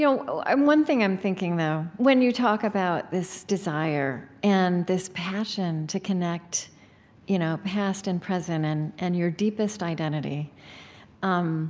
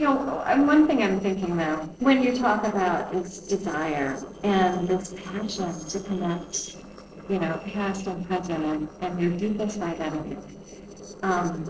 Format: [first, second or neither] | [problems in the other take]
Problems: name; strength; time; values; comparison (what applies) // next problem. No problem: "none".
first | noise reduction (neural separator model SepFormer DNS4)